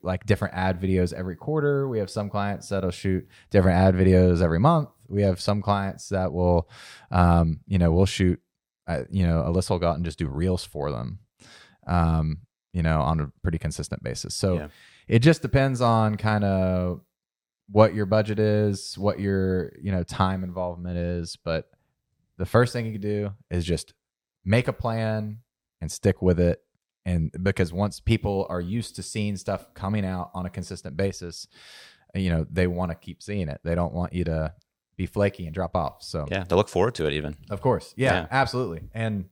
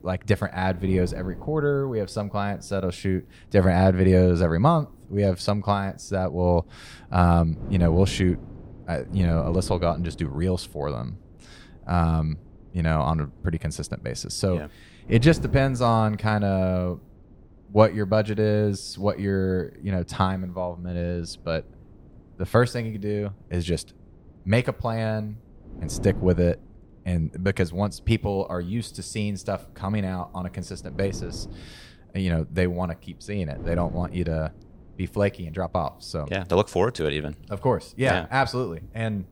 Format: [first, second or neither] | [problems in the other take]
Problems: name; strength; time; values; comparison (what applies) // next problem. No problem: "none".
first | wind noise on the microphone; occasional gusts; 25 dB below the speech